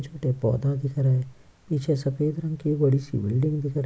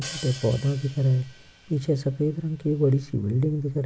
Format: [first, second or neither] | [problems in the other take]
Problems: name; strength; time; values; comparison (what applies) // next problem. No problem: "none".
first | background sound (Hi-hat); 18 dB below the speech